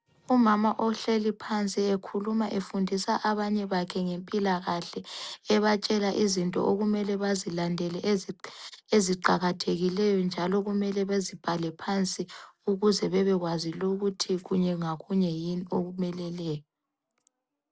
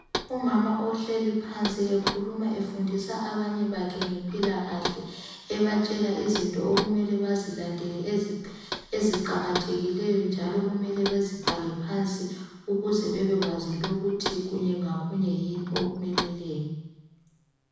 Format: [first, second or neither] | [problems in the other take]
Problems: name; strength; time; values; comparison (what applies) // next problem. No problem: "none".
first | background sound (Knock); 10 dB below the speech // room echo; dies away in 1.1 s